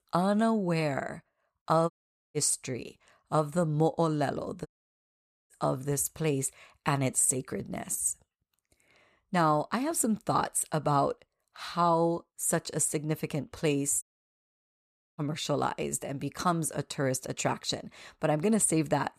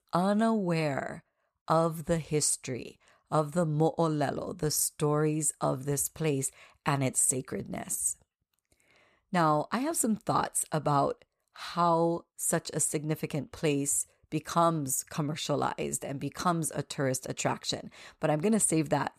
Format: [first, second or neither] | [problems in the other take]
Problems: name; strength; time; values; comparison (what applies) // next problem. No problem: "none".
second | audio cutting out; at 2 s, at 4.5 s for 1 s and at 14 s for 1 s